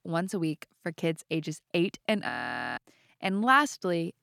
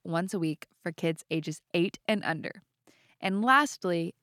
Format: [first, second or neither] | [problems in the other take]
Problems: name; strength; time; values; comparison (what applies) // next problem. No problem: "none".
second | audio freezing; at 2.5 s